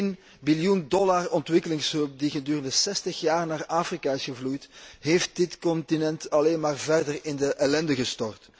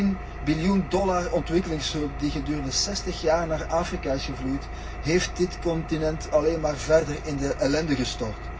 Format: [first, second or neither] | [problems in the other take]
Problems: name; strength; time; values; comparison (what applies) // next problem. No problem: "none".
first | background sound (Engine); 9 dB below the speech // room echo; dies away in 0.4 s